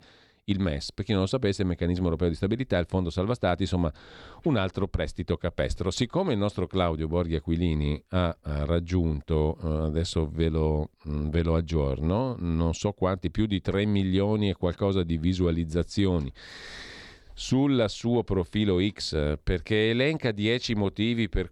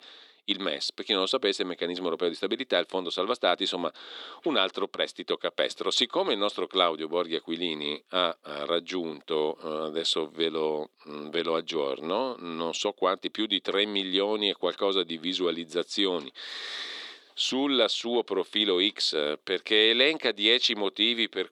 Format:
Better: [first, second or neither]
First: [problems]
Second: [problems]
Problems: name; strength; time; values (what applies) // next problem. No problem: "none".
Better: first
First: none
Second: thin; somewhat; fading below 300 Hz